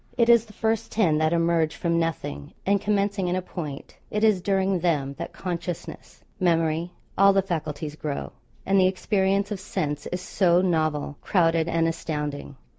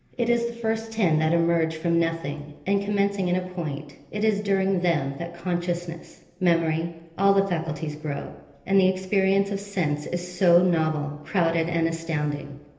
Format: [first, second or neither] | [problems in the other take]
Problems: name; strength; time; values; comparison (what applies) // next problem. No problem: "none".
first | room echo; dies away in 1.4 s